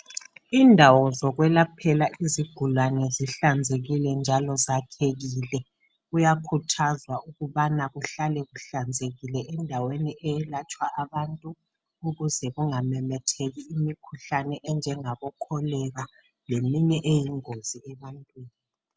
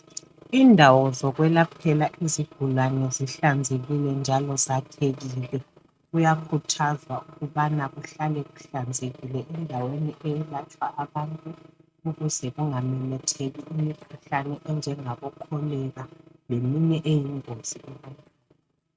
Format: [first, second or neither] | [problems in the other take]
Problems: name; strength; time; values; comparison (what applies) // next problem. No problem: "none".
first | noise reduction (neural mask model RNNoise)